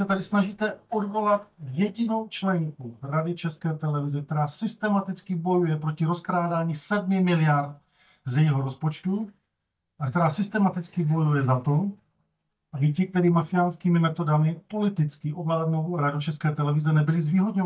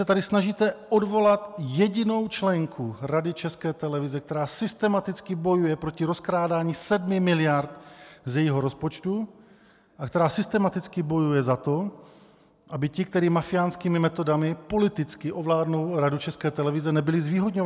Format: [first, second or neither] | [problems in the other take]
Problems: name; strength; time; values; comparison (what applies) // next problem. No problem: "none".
second | noise reduction (neural mask model DeepFilterNet 3)